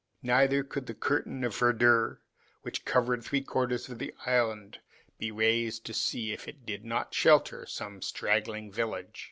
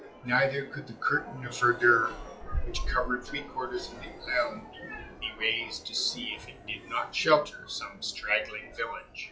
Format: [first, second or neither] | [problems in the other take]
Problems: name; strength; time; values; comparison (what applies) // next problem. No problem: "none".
first | noise reduction (classical method WPE with log-MMSE)